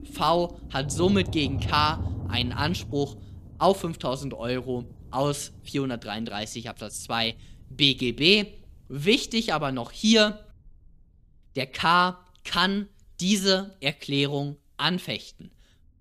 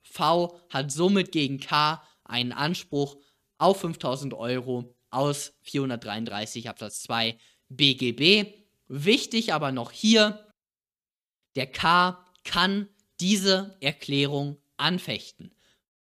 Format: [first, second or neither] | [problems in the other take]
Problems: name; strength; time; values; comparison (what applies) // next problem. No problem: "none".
second | low rumble; faint; throughout; 20 dB below the speech